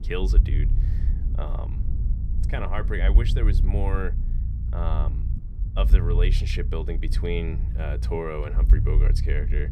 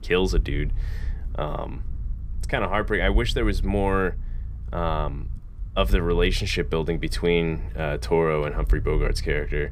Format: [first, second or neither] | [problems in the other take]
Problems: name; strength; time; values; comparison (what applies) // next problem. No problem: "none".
second | low rumble; loud; throughout; 9 dB below the speech; faint in the second